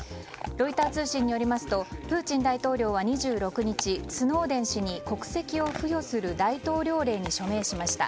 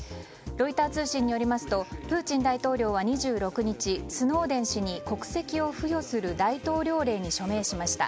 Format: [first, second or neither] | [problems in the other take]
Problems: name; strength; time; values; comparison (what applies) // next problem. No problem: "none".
second | background sound (Chewing, mastication / Dog); 17 dB below the speech